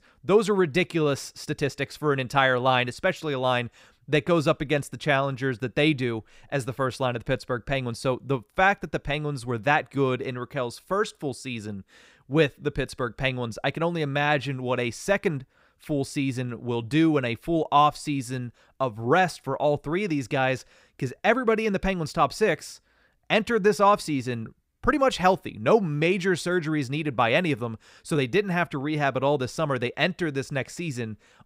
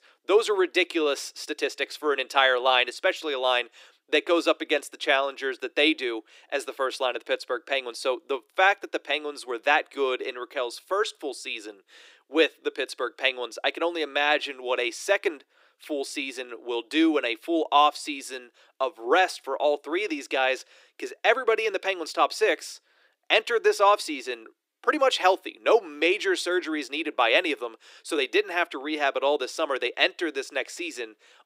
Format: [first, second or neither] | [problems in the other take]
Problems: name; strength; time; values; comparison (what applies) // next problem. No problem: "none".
first | thin; very; fading below 300 Hz